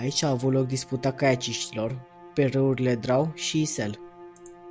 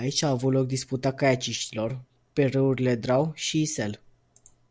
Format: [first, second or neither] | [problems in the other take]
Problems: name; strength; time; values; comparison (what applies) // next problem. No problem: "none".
second | background sound (Bowed string instrument); 20 dB below the speech